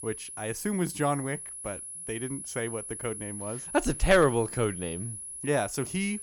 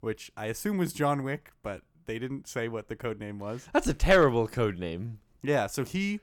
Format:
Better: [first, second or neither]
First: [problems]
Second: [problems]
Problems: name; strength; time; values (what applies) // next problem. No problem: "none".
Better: second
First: high-pitched whine; loud; throughout; 10.5 kHz, 8 dB below the speech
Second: none